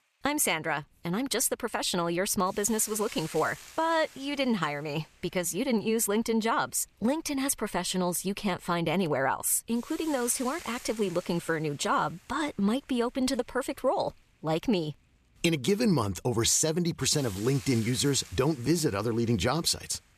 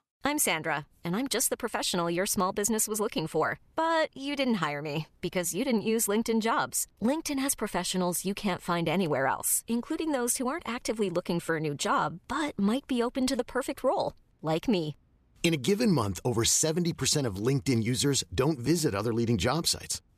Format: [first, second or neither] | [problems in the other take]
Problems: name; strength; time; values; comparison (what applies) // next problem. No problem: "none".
second | hiss; noticeable; throughout; 20 dB below the speech